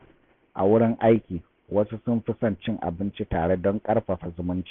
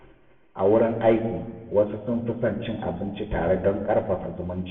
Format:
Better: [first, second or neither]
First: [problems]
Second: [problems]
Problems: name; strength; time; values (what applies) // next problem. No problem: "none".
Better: first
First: none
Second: room echo; dies away in 1.1 s